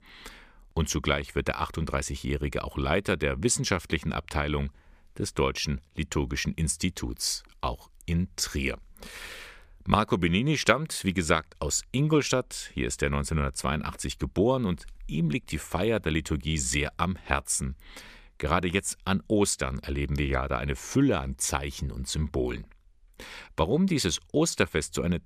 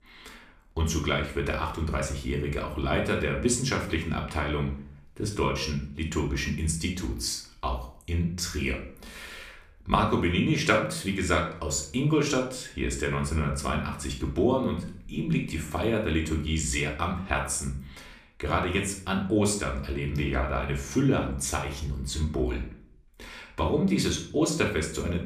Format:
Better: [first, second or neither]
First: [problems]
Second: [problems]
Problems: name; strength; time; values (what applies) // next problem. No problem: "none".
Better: first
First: none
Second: room echo; slight; dies away in 0.4 s // off-mic speech; somewhat distant